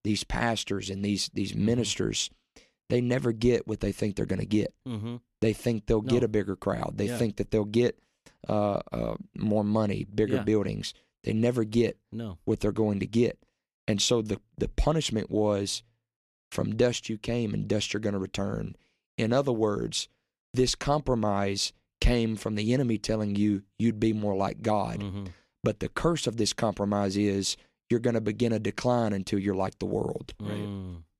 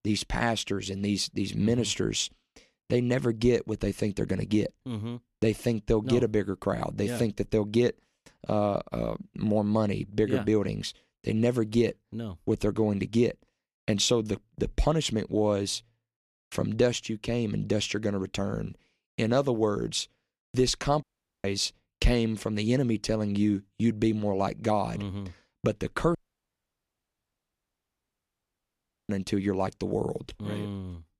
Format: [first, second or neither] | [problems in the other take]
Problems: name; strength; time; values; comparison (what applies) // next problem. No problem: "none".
first | audio cutting out; at 21 s and at 26 s for 3 s